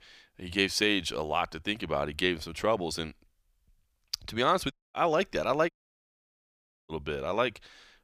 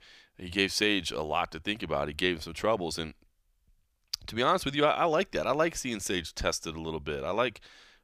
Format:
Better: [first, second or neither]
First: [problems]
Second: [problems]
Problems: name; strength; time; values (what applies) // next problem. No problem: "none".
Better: second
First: audio cutting out; at 4.5 s and at 5.5 s for 1 s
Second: none